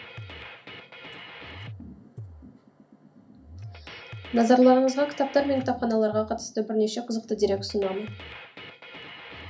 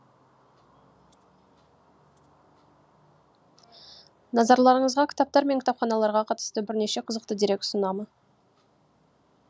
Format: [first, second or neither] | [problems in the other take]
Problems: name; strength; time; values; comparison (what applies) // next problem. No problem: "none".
second | background sound (Drum kit); 16 dB below the speech // room echo; dies away in 0.3 s